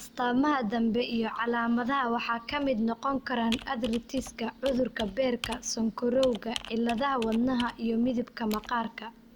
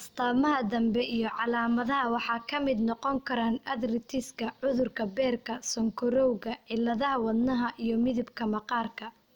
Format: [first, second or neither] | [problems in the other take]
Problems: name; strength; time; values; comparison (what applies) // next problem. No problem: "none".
second | background sound (Computer keyboard); 16 dB below the speech